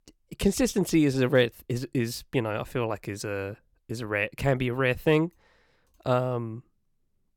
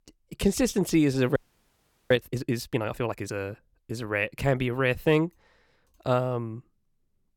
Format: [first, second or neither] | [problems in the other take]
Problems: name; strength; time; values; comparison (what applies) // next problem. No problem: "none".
first | audio freezing; at 1.5 s for 0.5 s